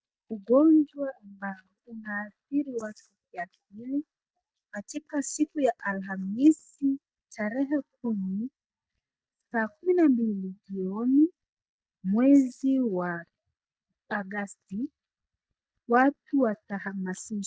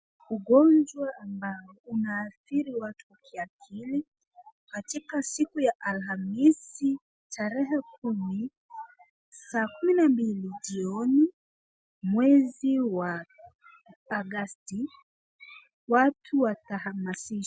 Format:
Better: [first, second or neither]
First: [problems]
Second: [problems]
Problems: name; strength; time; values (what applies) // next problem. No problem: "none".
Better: second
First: noise reduction (neural mask model DeepFilterNet 3)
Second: none